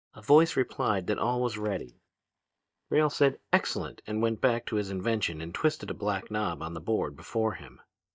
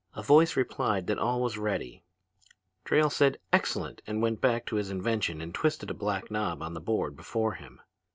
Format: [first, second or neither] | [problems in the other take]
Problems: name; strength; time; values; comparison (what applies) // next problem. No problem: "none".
second | noise reduction (neural mask model DeepFilterNet 3)